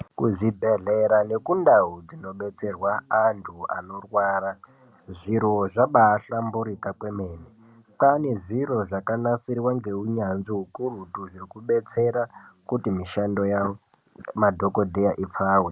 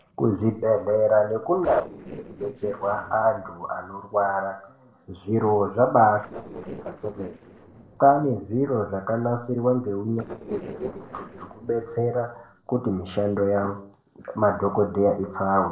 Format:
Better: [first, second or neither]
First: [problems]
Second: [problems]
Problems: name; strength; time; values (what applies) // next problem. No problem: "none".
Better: first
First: none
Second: noise reduction (neural separator model SepFormer DNS4)